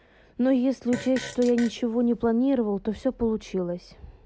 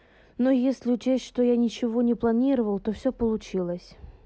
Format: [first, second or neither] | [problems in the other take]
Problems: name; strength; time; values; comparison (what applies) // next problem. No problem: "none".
second | background sound (Fart); 16 dB below the speech